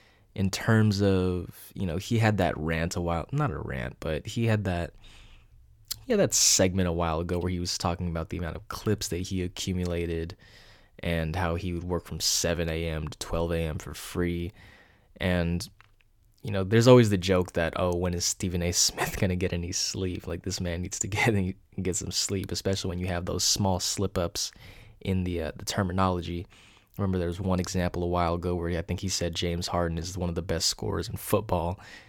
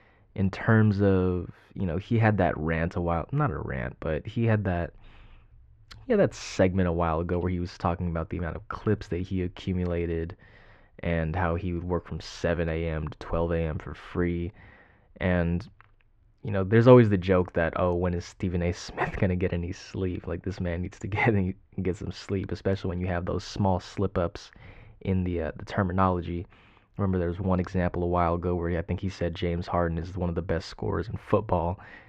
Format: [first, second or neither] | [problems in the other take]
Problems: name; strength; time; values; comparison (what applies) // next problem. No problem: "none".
first | muffled; very; fading above 1.5 kHz